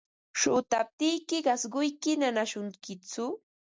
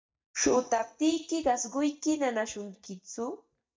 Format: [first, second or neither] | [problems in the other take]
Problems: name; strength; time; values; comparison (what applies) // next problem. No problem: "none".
first | noise reduction (neural mask model DeepFilterNet 3)